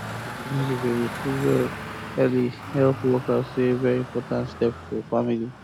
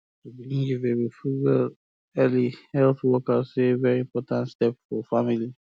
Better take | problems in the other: second | background sound (Traffic noise, roadway noise); 11 dB below the speech

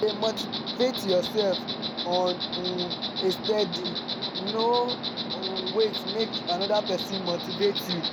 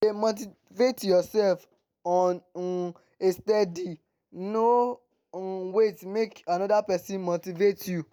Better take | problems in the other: second | background sound (Insect); 3 dB below the speech

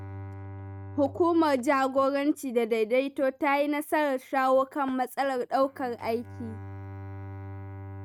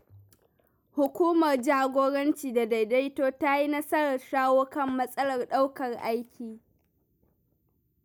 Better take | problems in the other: second | noise reduction (neural mask model RNNoise)

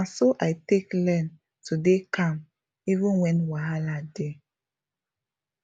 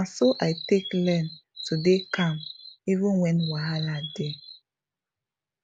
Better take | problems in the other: first | background sound (Chirp, tweet); 13 dB below the speech

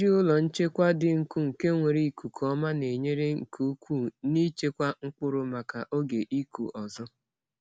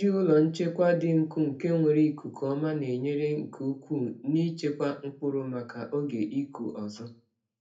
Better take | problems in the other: first | room echo; dies away in 0.3 s

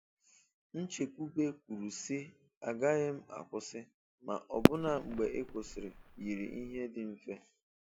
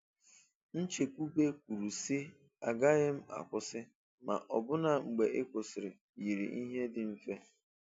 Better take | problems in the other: second | background sound (Fireworks); 4 dB above the speech

